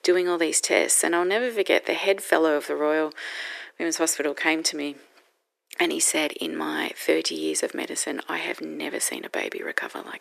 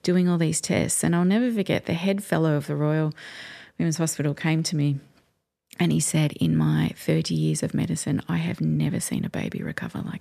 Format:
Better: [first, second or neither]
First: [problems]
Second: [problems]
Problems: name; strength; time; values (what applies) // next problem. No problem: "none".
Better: second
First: thin; very; fading below 350 Hz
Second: none